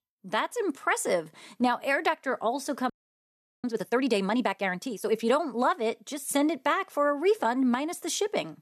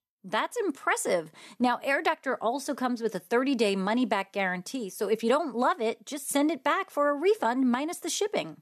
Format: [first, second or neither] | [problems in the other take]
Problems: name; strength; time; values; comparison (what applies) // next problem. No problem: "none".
second | audio freezing; at 3 s for 0.5 s